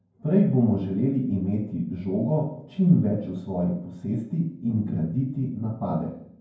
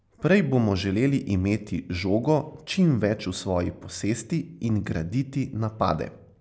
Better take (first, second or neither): second